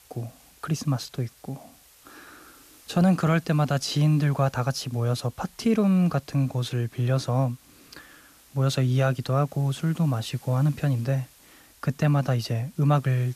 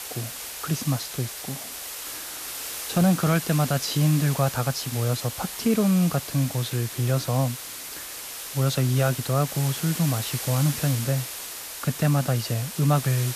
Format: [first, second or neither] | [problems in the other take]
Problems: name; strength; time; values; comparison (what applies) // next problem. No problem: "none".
first | hiss; loud; throughout; 8 dB below the speech; faint in the first